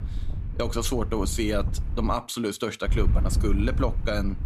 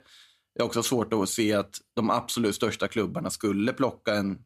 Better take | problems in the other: second | wind noise on the microphone; occasional gusts; until 2 s and from 3 s on; 15 dB below the speech

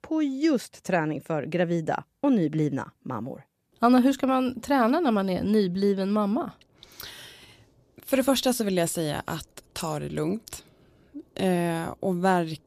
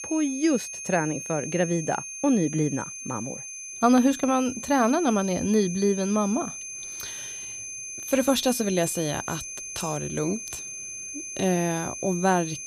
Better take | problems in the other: first | high-pitched whine; loud; throughout; 6.5 kHz, 9 dB below the speech

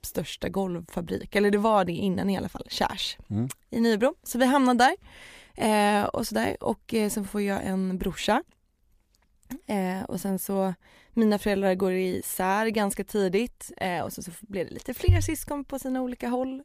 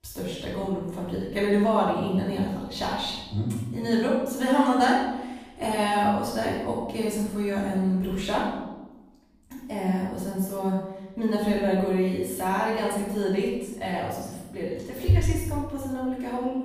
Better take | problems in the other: first | off-mic speech; far // room echo; strong; dies away in 1 s

